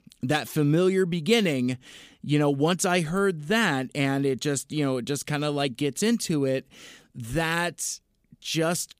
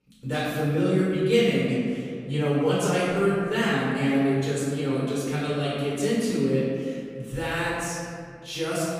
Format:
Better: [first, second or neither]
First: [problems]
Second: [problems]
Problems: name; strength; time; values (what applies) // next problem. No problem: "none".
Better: first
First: none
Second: off-mic speech; far // room echo; strong; dies away in 2.1 s